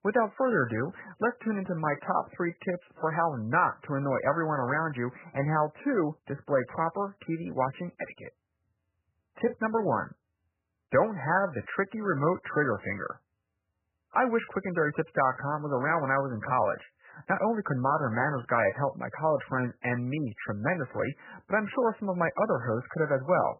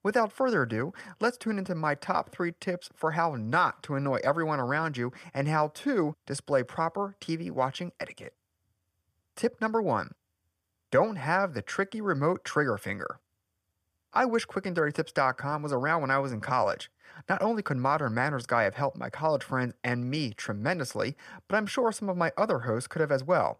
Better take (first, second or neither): second